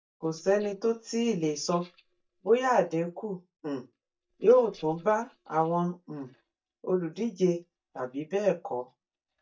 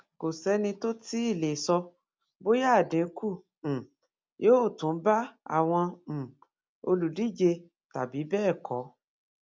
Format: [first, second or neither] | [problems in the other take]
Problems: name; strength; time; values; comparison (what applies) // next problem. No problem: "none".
second | noise reduction (neural mask model DeepFilterNet 3)